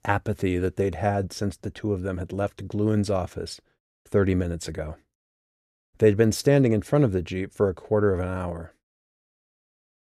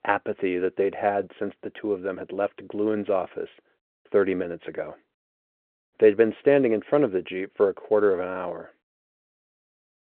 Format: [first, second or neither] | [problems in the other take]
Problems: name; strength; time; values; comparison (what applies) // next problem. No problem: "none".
first | phone-call audio